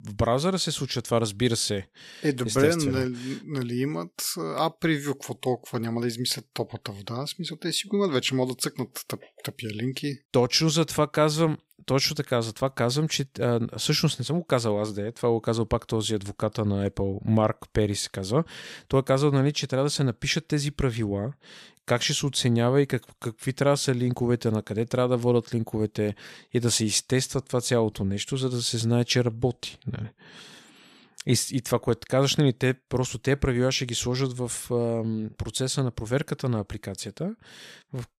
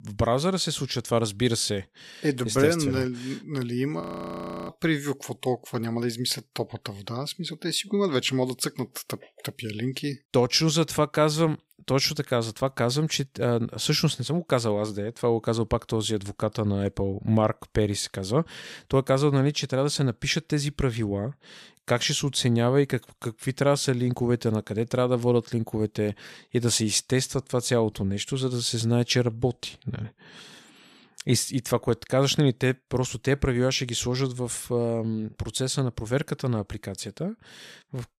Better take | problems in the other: first | audio freezing; at 4 s for 0.5 s

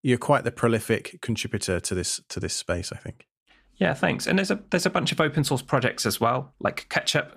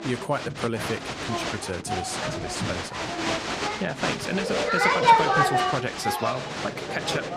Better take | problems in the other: first | crowd noise; very loud; throughout; 5 dB above the speech

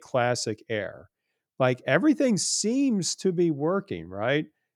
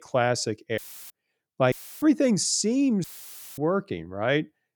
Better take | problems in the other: first | audio cutting out; filled with static; at 1 s, at 1.5 s and at 3 s for 0.5 s

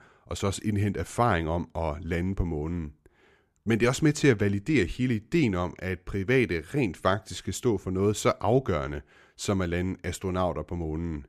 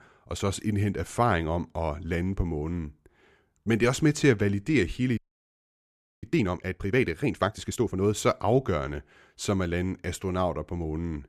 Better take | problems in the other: first | audio freezing; at 5 s for 1 s

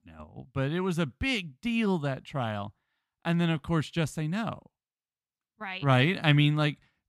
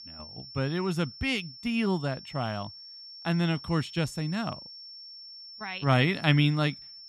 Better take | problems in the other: first | high-pitched whine; noticeable; throughout; 5.5 kHz, 15 dB below the speech

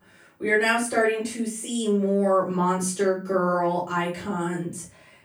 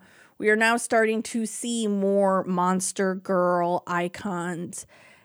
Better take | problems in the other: second | off-mic speech; far // room echo; slight; dies away in 0.3 s

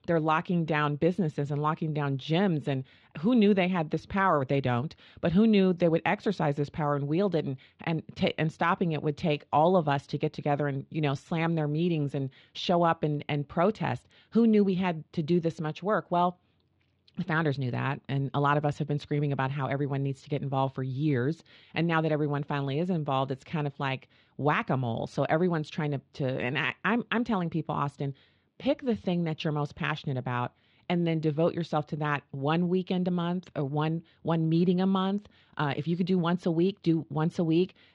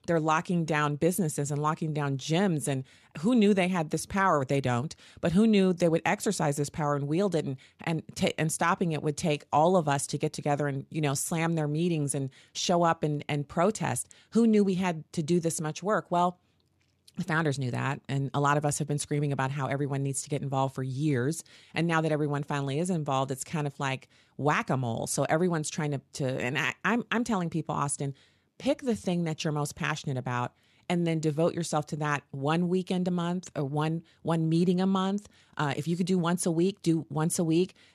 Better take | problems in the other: second | muffled; slightly; fading above 3.5 kHz

